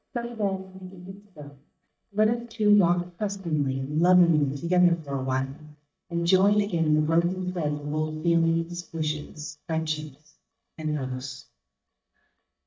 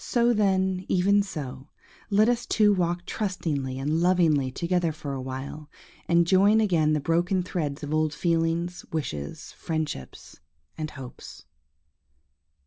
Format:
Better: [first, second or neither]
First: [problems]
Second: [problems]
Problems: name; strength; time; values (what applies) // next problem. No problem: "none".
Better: second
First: noise reduction (neural mask model DeepFilterNet 3)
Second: none